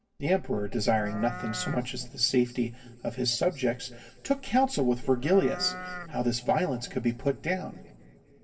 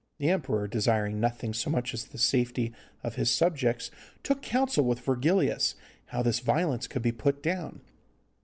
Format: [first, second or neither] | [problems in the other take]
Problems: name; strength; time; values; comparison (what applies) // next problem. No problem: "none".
second | background sound (Livestock, farm animals, working animals); 9 dB below the speech // room echo; dies away in 2.7 s